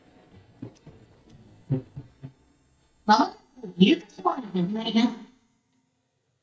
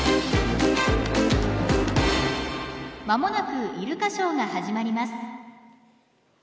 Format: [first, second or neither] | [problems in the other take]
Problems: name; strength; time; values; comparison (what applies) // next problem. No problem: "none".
second | noise reduction (neural mask model DeepFilterNet 3)